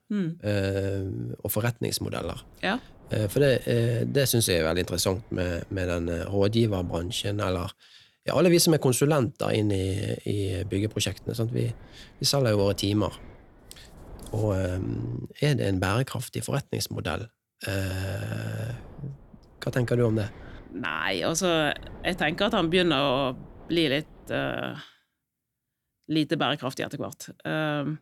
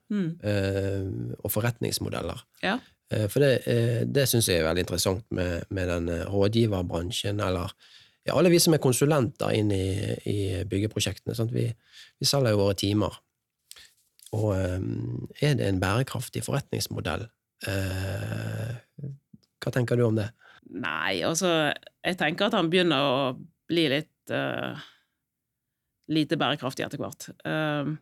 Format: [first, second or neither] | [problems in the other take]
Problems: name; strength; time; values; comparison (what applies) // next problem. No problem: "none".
second | wind noise on the microphone; occasional gusts; from 2 to 7.5 s, from 11 to 15 s and from 19 to 25 s; 25 dB below the speech